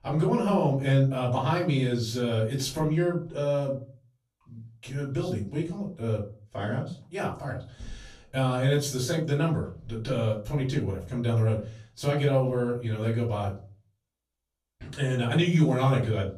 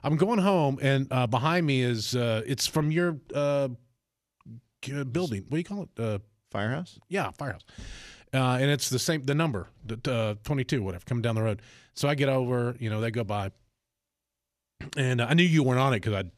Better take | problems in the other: second | off-mic speech; far // room echo; slight; dies away in 0.3 s

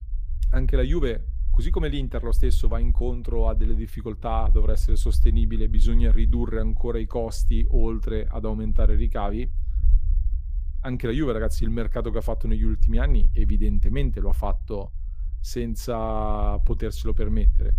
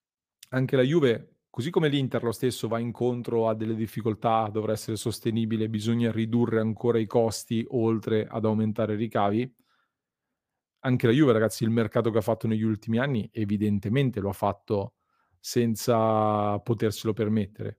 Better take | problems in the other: second | low rumble; noticeable; throughout; 20 dB below the speech

